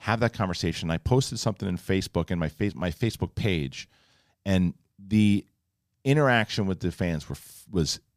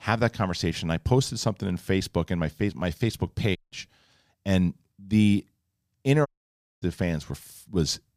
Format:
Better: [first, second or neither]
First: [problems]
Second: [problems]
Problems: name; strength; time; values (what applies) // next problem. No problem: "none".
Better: first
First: none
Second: audio cutting out; at 3.5 s and at 6.5 s for 0.5 s